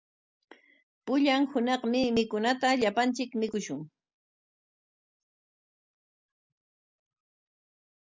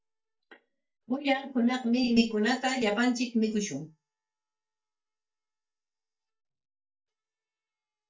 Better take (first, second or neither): first